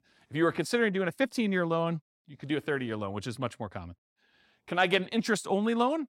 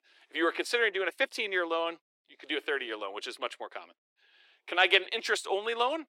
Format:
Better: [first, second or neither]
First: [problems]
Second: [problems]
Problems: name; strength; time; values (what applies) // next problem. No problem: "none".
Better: first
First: none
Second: thin; very; fading below 350 Hz